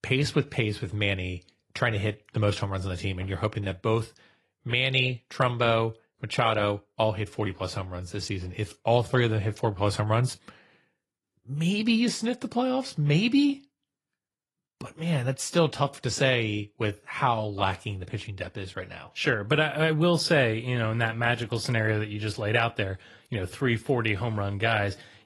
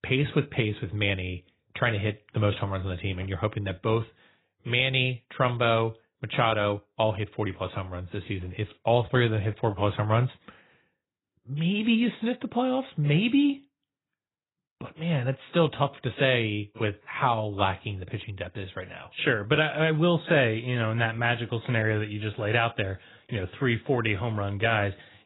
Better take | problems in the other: first | garbled, watery; badly; nothing above 4 kHz; slightly in the first

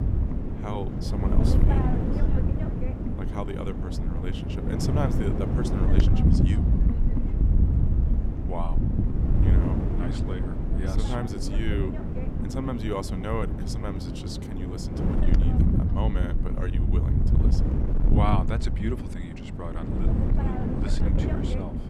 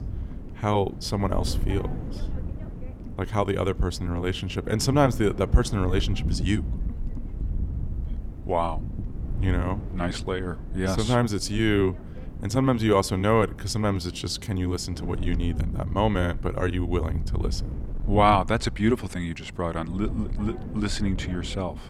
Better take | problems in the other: second | wind noise on the microphone; heavy; as loud as the speech; occasional gusts in the second

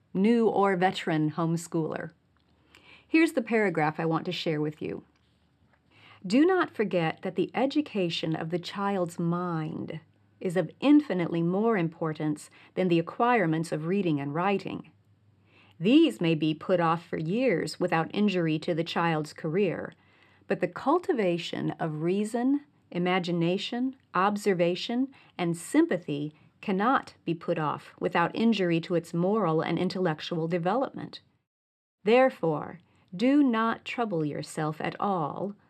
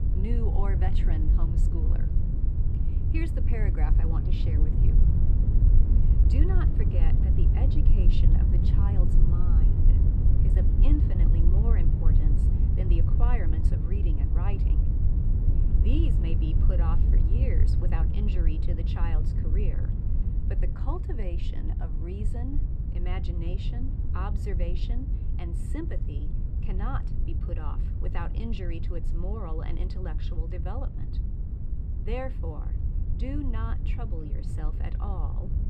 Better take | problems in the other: first | wind noise on the microphone; heavy; 1 dB below the speech

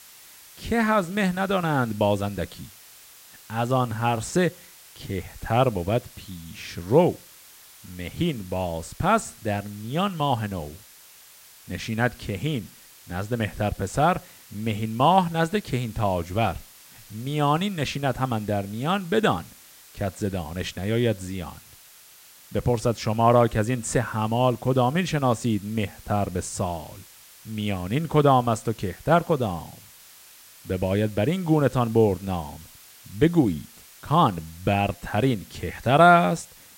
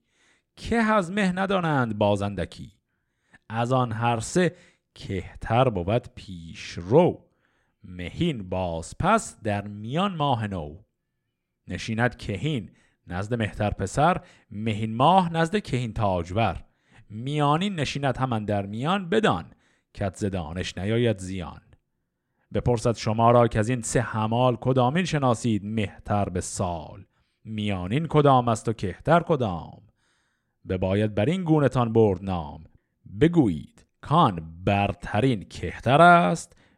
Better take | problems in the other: second | hiss; faint; throughout; 20 dB below the speech

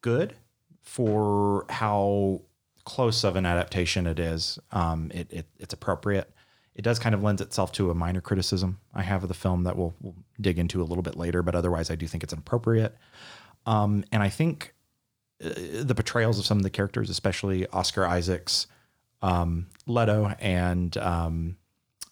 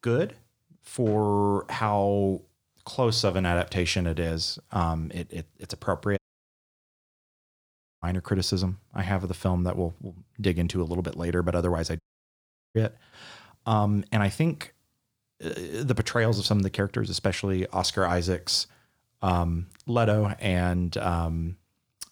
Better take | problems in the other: first | audio cutting out; at 6 s for 2 s and at 12 s for 0.5 s

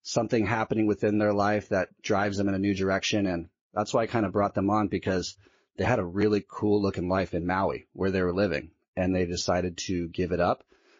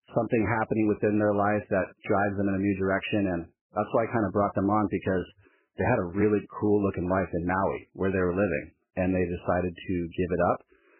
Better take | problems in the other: first | garbled, watery; badly; nothing above 3 kHz; slightly in the first

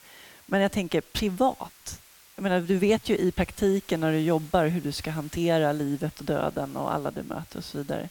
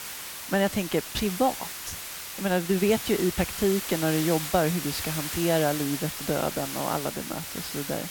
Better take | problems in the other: first | hiss; loud; throughout; 6 dB below the speech; faint in the first

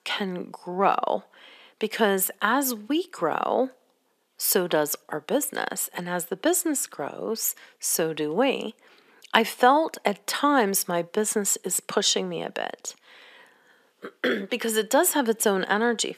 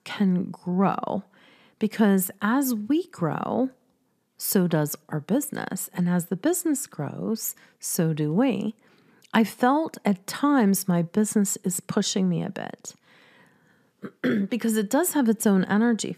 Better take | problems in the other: second | thin; somewhat; fading below 500 Hz

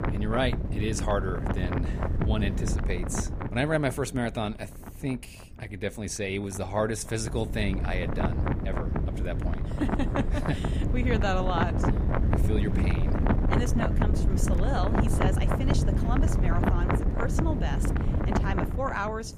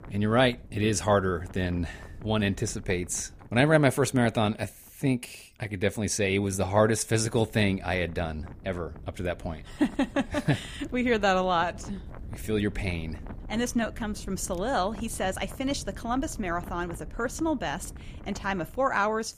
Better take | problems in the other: second | wind noise on the microphone; heavy; 2 dB below the speech; occasional gusts in the second

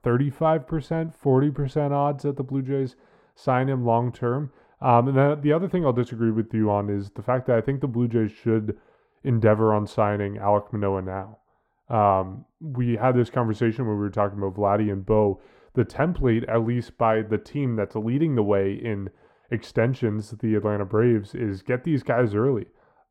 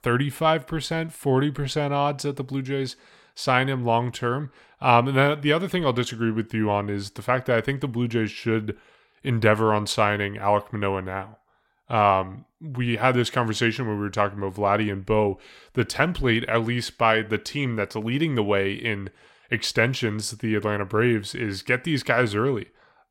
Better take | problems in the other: second | muffled; very; fading above 1.5 kHz

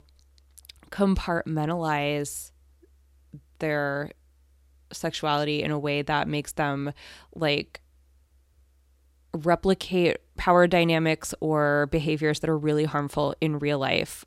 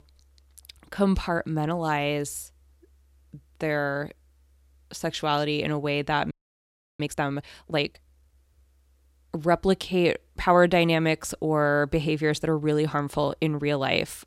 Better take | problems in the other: first | audio freezing; at 6.5 s for 0.5 s

